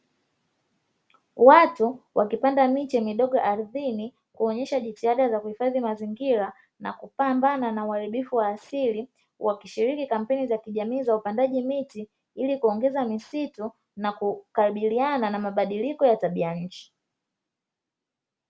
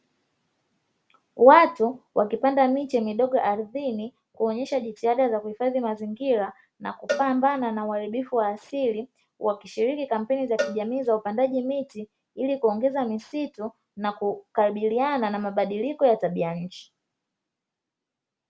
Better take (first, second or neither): first